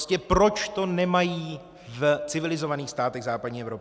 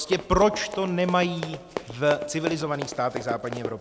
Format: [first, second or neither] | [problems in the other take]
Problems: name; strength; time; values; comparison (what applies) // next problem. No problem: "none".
first | background sound (Run); 11 dB below the speech